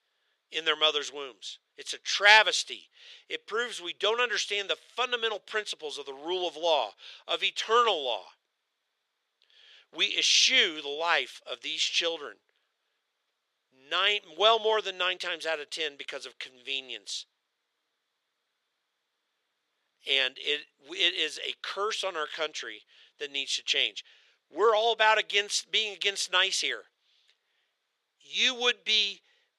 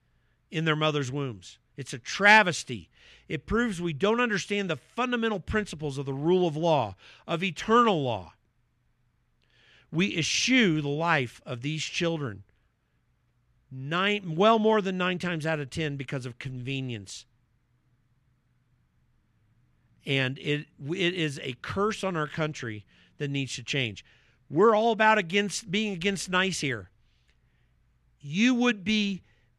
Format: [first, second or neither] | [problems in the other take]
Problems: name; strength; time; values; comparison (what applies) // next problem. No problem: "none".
second | thin; very; fading below 450 Hz